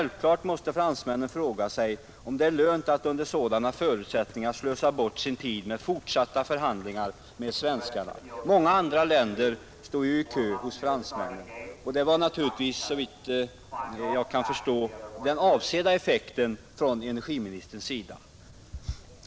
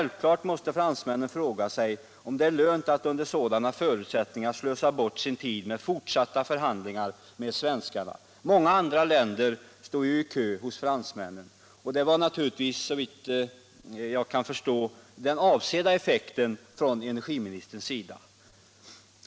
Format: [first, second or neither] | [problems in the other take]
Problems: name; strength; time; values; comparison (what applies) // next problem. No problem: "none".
second | background sound (Livestock, farm animals, working animals); 15 dB below the speech